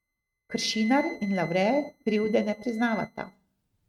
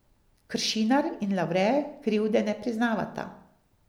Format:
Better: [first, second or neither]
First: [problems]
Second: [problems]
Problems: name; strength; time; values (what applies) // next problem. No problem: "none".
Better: second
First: noise reduction (neural mask model RNNoise)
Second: none